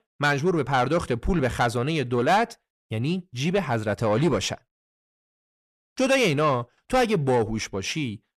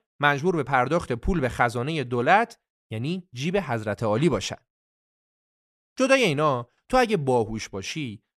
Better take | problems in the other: second | distortion; slight; 10 dB below the speech

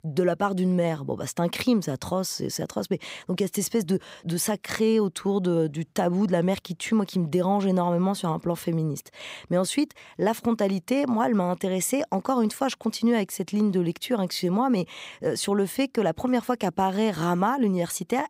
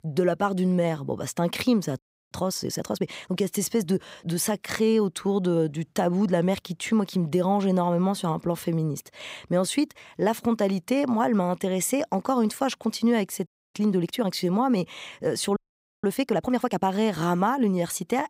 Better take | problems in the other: first | audio freezing; at 2 s, at 13 s and at 16 s

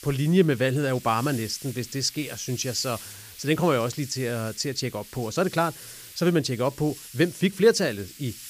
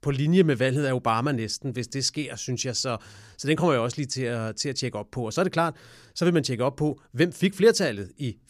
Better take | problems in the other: second | hiss; noticeable; throughout; 15 dB below the speech

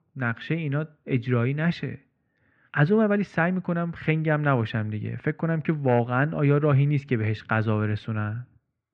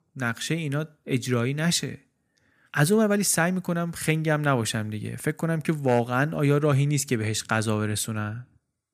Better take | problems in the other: second | muffled; very; fading above 2.5 kHz

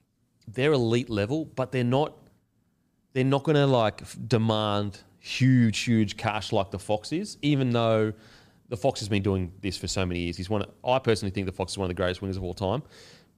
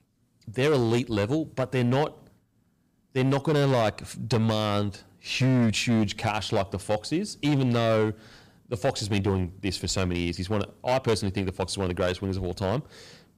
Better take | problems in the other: first | distortion; slight; 8% of the sound clipped

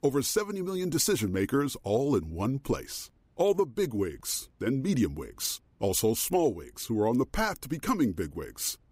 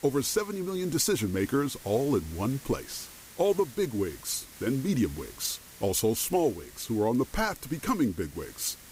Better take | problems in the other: first | hiss; noticeable; throughout; 20 dB below the speech

